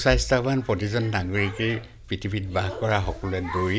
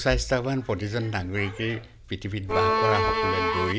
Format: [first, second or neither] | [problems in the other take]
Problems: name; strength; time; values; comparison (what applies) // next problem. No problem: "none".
first | background sound (Bowed string instrument); 3 dB above the speech